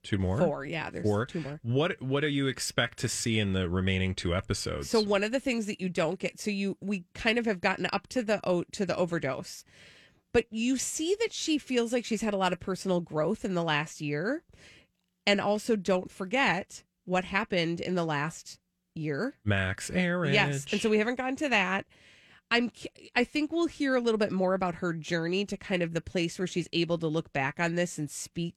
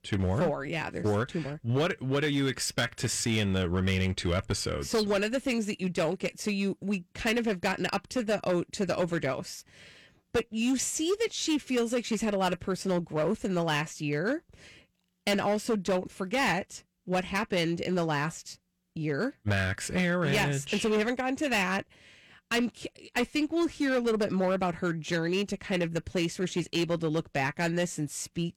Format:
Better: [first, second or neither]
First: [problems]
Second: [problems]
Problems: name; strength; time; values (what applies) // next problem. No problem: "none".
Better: first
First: none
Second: distortion; slight; 8% of the sound clipped